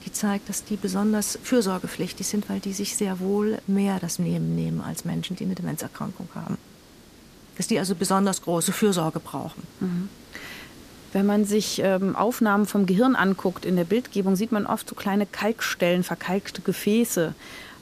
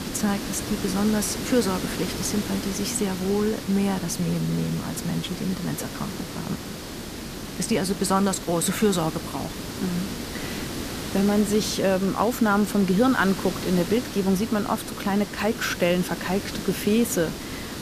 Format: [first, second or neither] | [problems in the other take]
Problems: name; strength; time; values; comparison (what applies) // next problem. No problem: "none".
first | hiss; loud; throughout; 8 dB below the speech; faint in the first